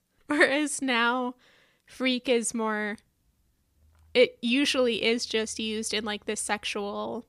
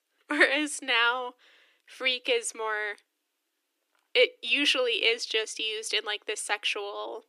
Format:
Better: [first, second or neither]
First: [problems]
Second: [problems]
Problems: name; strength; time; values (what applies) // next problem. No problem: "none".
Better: first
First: none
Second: thin; somewhat; fading below 300 Hz